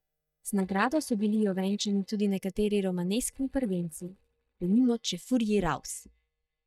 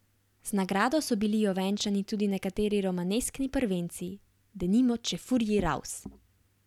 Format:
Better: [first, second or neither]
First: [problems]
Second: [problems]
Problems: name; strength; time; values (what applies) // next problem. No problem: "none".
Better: second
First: noise reduction (neural mask model DeepFilterNet 3)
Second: none